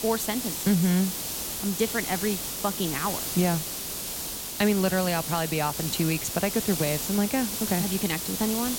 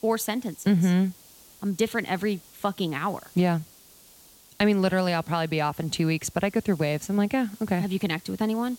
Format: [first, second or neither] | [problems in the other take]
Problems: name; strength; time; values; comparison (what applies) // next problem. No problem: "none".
second | hiss; loud; throughout; 3 dB below the speech; faint in the second